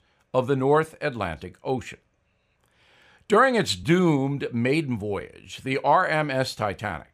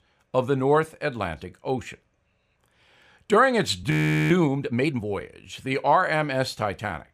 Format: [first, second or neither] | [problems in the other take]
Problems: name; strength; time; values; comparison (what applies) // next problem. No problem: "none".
first | audio freezing; at 4 s